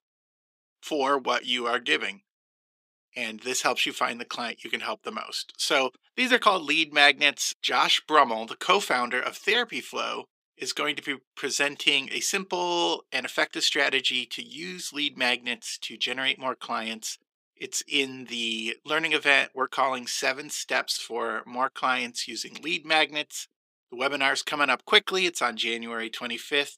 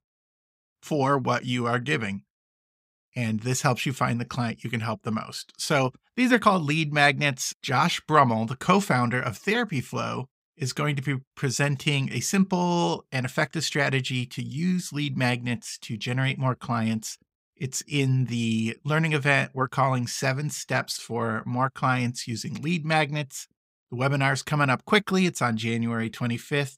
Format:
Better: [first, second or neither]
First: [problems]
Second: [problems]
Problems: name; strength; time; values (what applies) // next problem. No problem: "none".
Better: second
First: thin; somewhat; fading below 300 Hz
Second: none